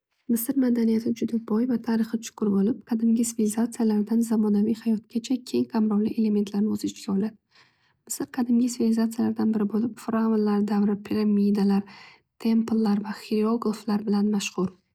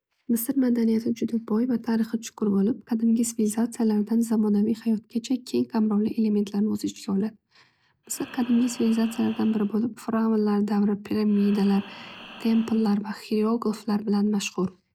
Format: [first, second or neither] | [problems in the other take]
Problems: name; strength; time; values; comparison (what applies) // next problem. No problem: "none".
first | background sound (Breathing); 19 dB below the speech